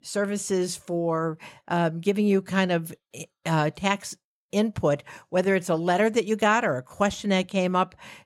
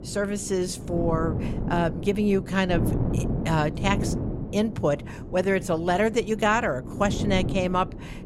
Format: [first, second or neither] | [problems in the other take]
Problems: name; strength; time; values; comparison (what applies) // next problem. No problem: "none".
first | wind noise on the microphone; occasional gusts; 10 dB below the speech